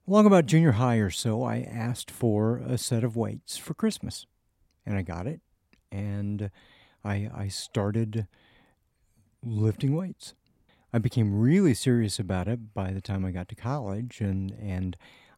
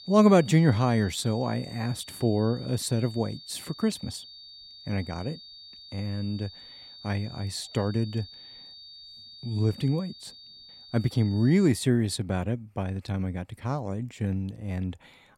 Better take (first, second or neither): first